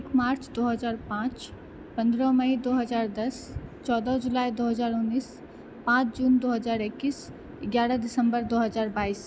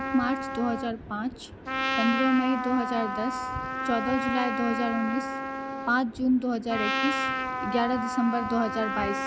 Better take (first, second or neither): first